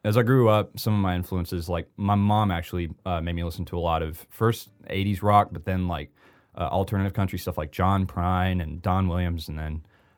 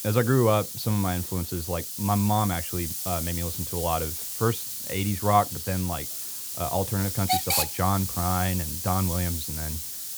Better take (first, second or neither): first